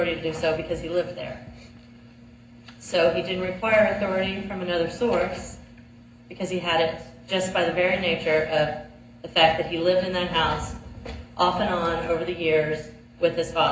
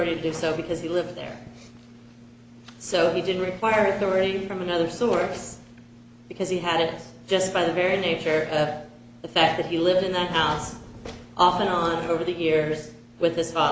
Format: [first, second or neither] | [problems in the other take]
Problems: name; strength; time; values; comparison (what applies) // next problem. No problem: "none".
second | room echo; dies away in 0.4 s